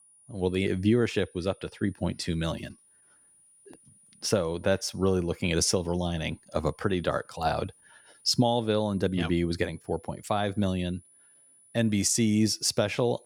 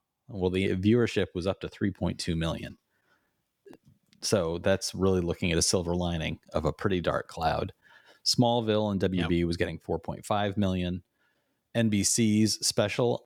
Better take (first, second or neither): second